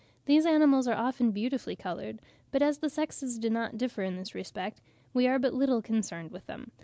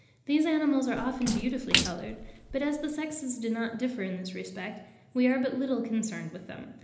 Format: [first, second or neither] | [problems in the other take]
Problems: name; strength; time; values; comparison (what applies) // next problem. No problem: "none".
first | background sound (Splash, splatter); 6 dB below the speech // room echo; dies away in 1 s